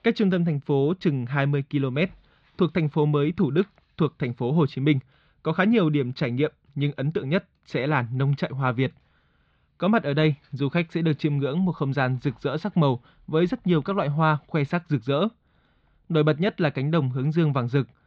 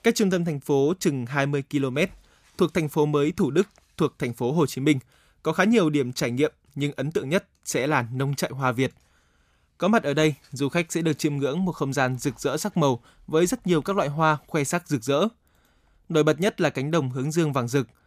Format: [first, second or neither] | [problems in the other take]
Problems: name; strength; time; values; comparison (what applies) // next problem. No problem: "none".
second | muffled; slightly; fading above 4 kHz